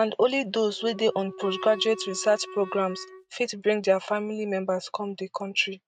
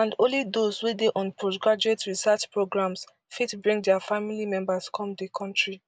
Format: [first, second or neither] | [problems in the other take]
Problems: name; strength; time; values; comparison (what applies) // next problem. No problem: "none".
second | noise reduction (neural mask model RNNoise)